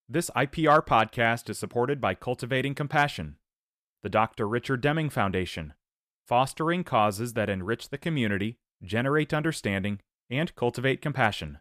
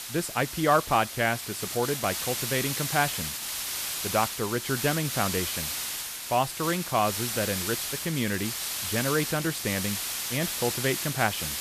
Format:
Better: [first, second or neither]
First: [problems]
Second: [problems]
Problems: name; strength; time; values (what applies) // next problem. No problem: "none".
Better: first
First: none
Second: hiss; loud; throughout; 2 dB below the speech